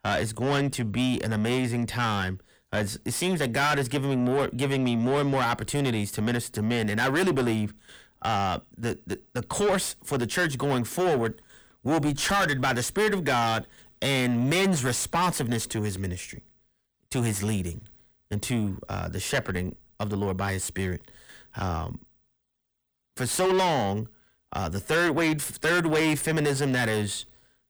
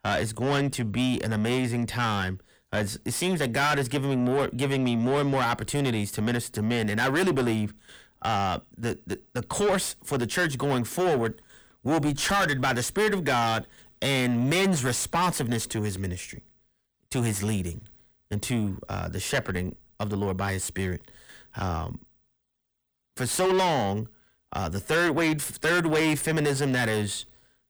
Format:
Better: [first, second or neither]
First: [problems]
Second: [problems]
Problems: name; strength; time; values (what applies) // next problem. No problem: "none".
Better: neither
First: distortion; heavy; 6 dB below the speech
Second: distortion; heavy; 6 dB below the speech